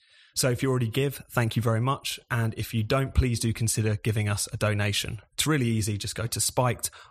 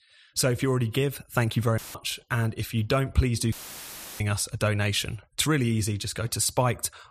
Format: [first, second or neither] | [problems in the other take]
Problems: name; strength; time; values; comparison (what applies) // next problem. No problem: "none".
first | audio cutting out; filled with static; at 2 s and at 3.5 s for 0.5 s